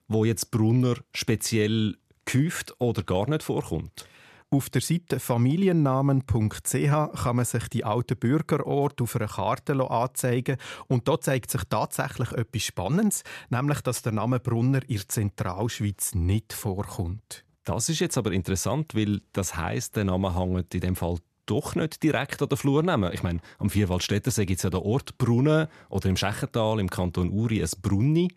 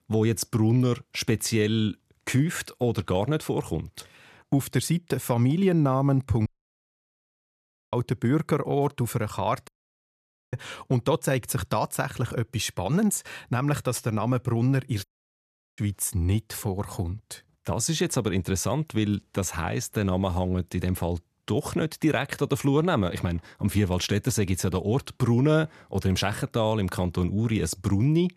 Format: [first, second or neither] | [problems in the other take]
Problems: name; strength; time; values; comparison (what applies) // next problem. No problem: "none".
first | audio cutting out; at 6.5 s for 1.5 s, at 9.5 s for 1 s and at 15 s for 0.5 s